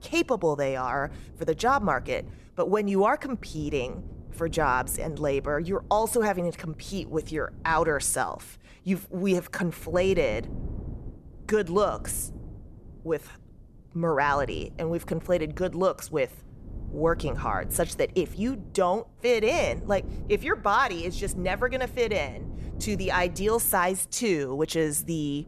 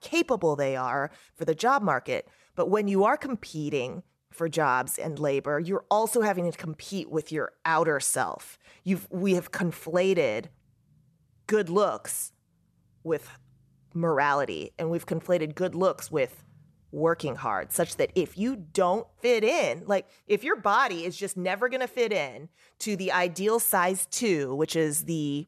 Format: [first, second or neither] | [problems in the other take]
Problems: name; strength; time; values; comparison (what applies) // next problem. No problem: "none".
second | wind noise on the microphone; occasional gusts; 25 dB below the speech